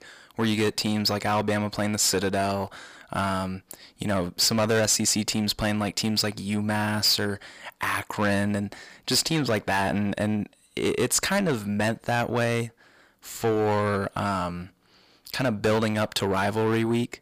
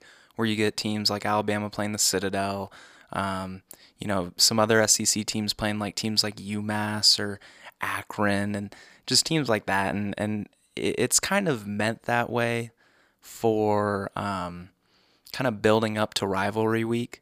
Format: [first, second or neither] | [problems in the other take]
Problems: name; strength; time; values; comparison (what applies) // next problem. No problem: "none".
second | distortion; heavy; 8 dB below the speech